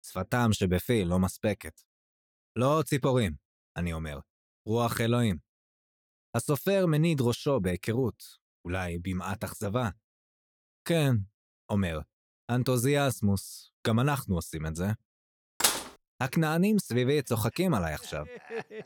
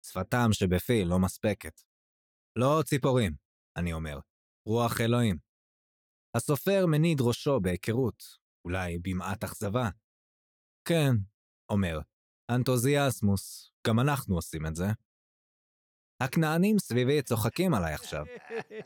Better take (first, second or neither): second